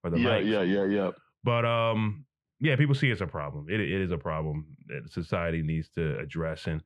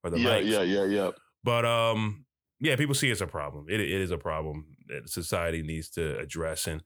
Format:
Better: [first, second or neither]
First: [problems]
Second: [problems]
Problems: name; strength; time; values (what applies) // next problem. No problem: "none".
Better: second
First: muffled; slightly; fading above 2.5 kHz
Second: none